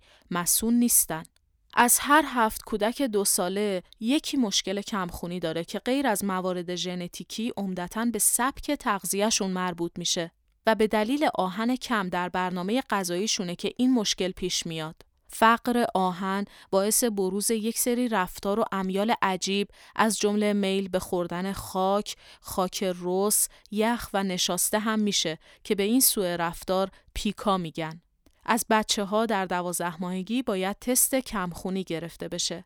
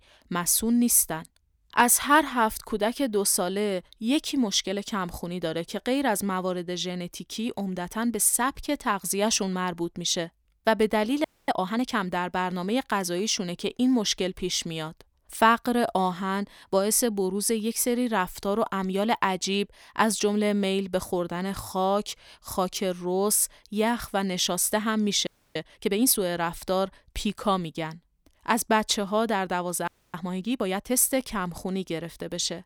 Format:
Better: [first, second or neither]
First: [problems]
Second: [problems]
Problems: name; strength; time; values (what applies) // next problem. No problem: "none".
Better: first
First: none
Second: audio freezing; at 11 s, at 25 s and at 30 s